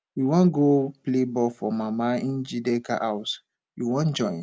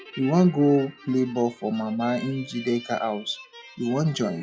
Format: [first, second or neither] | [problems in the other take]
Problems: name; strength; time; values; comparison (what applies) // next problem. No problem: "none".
first | noise reduction (classical method log-MMSE)